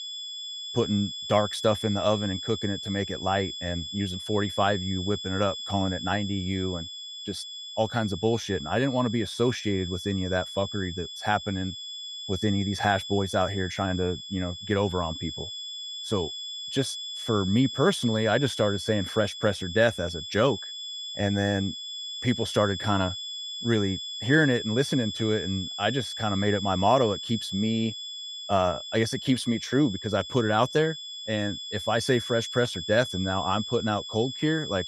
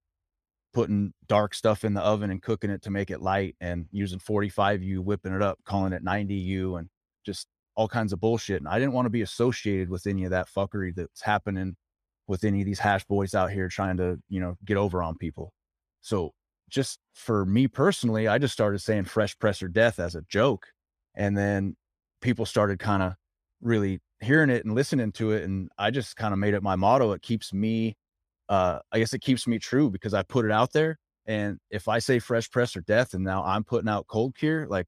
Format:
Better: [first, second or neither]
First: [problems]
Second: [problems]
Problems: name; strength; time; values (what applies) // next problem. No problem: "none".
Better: second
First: high-pitched whine; loud; throughout; 3.5 kHz, 7 dB below the speech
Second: none